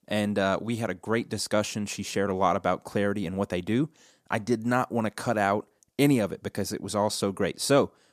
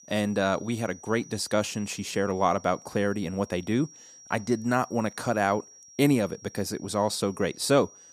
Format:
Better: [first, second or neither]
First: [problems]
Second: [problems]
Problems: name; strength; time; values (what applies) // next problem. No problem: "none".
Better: first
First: none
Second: high-pitched whine; faint; throughout; 5.5 kHz, 20 dB below the speech